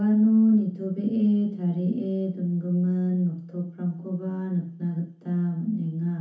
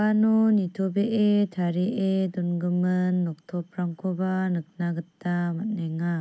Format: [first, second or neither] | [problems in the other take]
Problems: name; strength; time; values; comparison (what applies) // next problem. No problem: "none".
second | room echo; dies away in 0.9 s